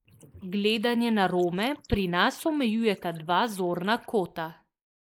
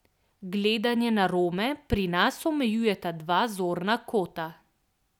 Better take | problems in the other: second | noise reduction (neural mask model Resemble Enhance denoiser)

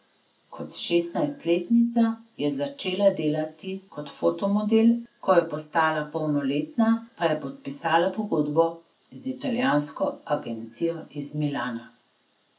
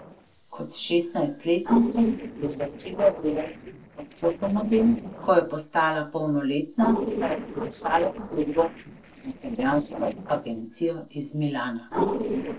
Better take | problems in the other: first | noise reduction (neural separator model SepFormer DNS4)

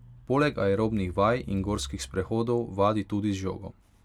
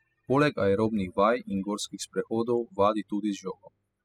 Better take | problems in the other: first | noise reduction (classical method spectral subtraction)

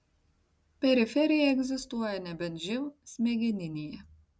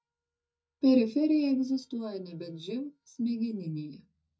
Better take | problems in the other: first | noise reduction (neural mask model DeepFilterNet 3)

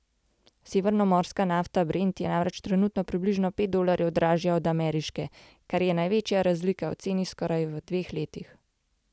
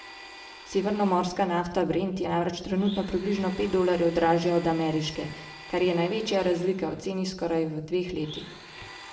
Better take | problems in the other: first | background sound (Domestic sounds, home sounds); 19 dB below the speech // room echo; dies away in 0.8 s

